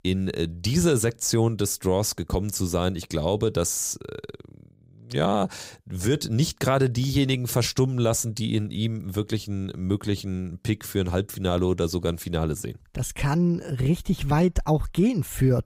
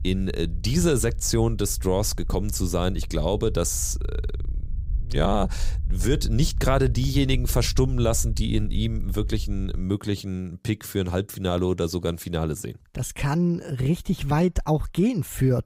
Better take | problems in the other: first | low rumble; faint; until 10 s; 25 dB below the speech

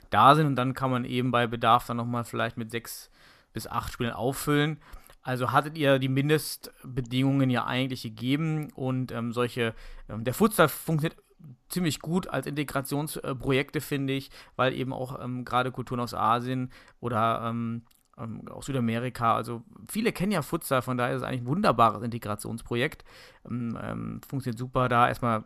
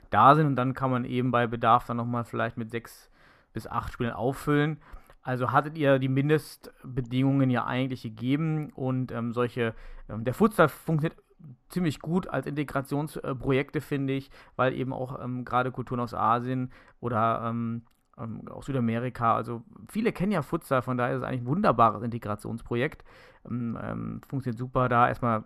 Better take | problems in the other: first | muffled; slightly; fading above 2.5 kHz

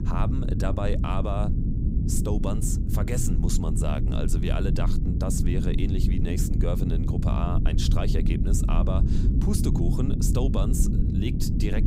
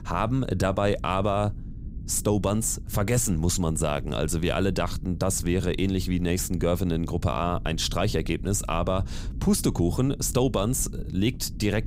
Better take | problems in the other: second | low rumble; loud; throughout; 3 dB below the speech; faint in the second

